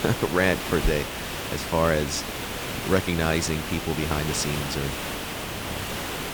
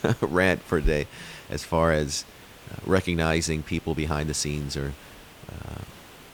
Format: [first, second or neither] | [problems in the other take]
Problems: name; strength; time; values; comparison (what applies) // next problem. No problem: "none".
second | hiss; loud; throughout; 5 dB below the speech; faint in the second